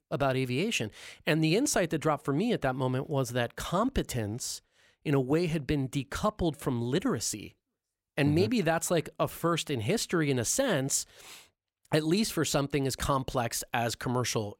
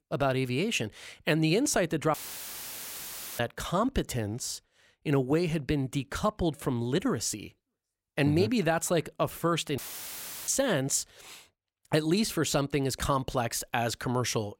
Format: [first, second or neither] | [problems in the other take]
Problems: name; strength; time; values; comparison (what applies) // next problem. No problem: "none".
first | audio cutting out; filled with static; at 2 s for 1.5 s and at 10 s for 0.5 s